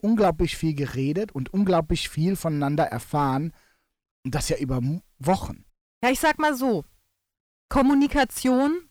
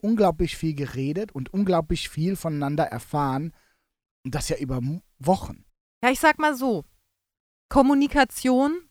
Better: second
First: distortion; slight; 10 dB below the speech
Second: none

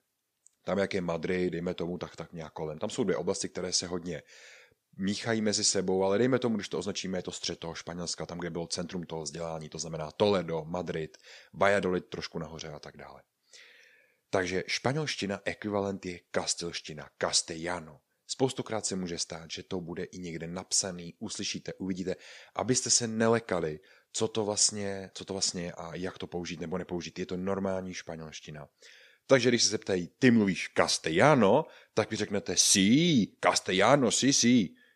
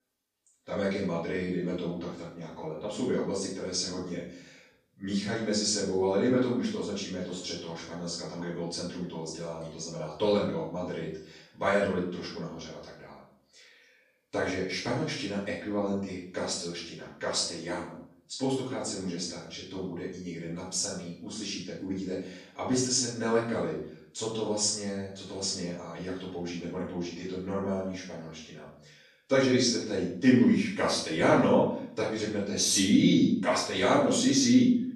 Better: first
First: none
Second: room echo; noticeable; dies away in 0.5 s // off-mic speech; far

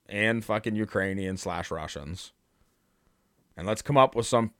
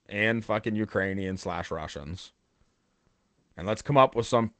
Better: first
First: none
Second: garbled, watery; slightly; nothing above 8 kHz

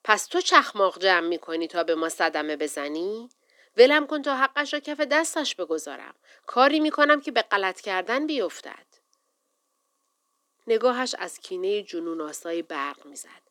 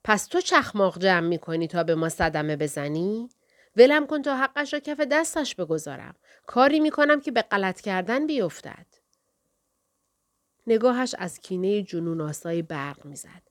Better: second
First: thin; very slightly; fading below 250 Hz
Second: none

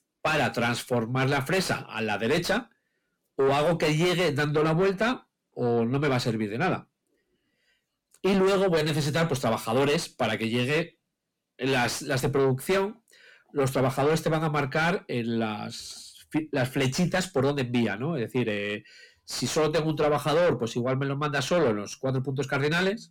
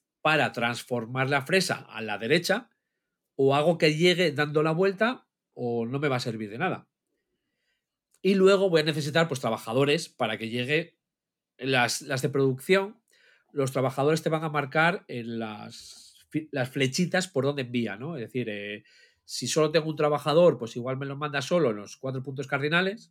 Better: second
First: distortion; heavy; 5 dB below the speech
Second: none

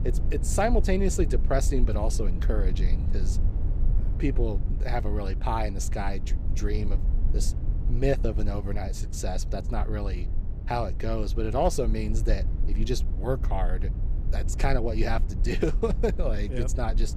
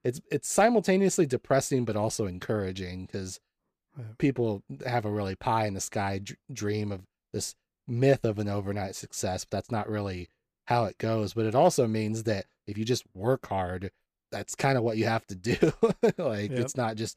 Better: second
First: low rumble; noticeable; throughout; 15 dB below the speech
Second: none

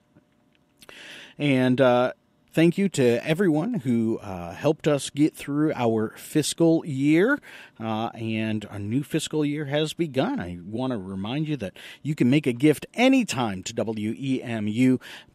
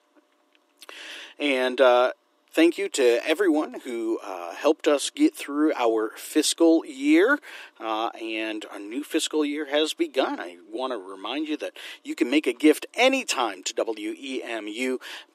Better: first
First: none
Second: thin; somewhat; fading below 300 Hz

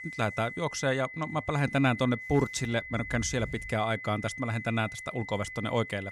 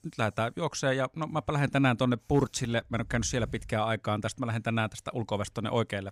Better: second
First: high-pitched whine; loud; throughout; 2 kHz, 10 dB below the speech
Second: none

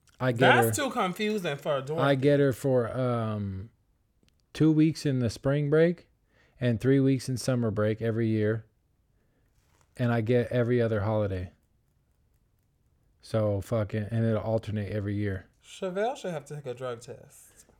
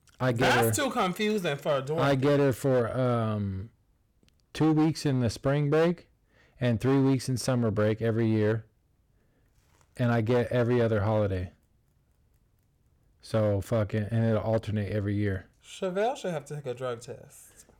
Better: first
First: none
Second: distortion; slight; 7% of the sound clipped

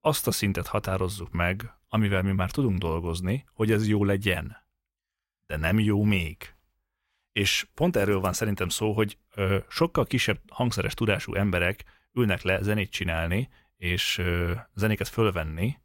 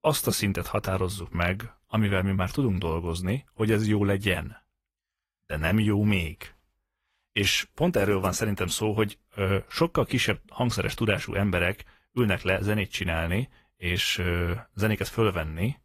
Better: first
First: none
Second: garbled, watery; slightly; nothing above 14.5 kHz

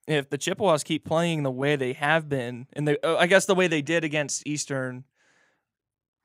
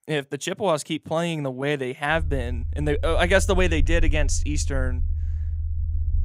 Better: first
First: none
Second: low rumble; faint; from 2 s on; 20 dB below the speech

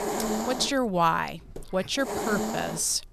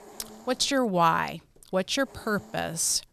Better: second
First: hiss; loud; throughout; 5 dB below the speech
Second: hiss; faint; throughout; 25 dB below the speech

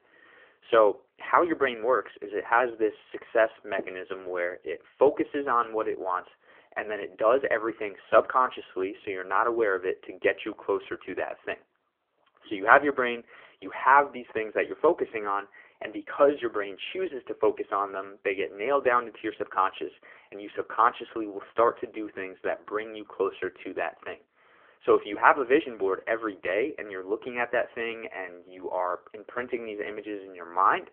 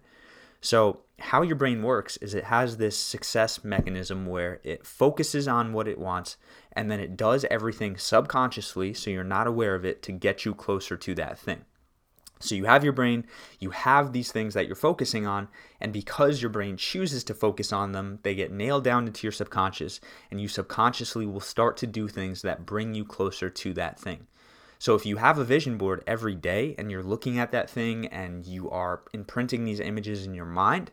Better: second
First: phone-call audio; poor line; nothing above 3.5 kHz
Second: none

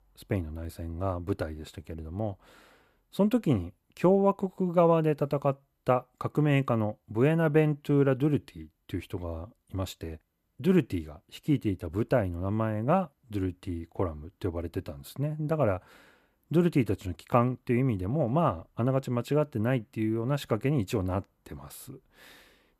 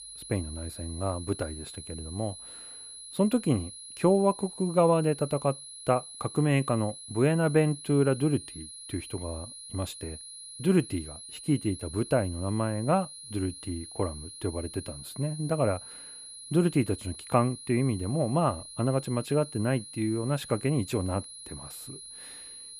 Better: first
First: none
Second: high-pitched whine; noticeable; throughout; 10.5 kHz, 15 dB below the speech

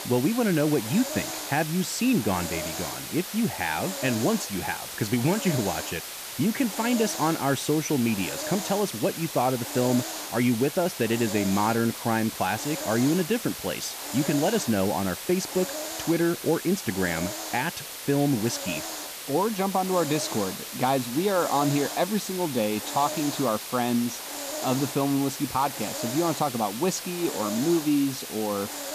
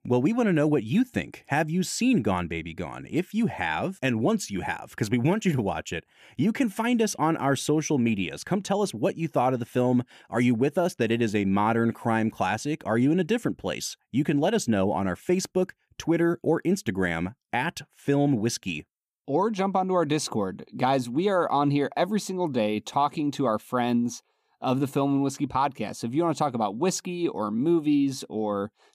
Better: second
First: hiss; loud; throughout; 6 dB below the speech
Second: none

